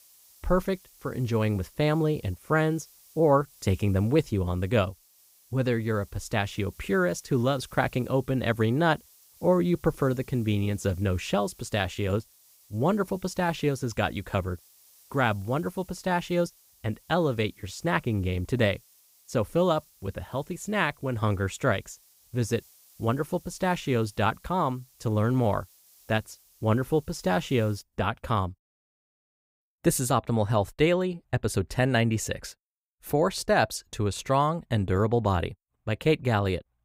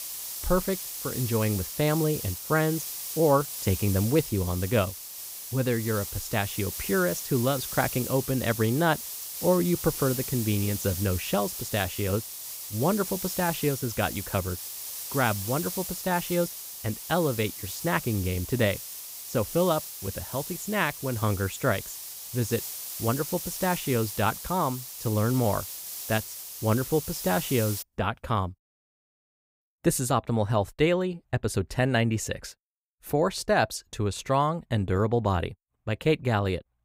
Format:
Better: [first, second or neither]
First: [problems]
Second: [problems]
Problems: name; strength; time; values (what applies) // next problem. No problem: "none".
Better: first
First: hiss; faint; until 28 s; 25 dB below the speech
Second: hiss; loud; until 28 s; 6 dB below the speech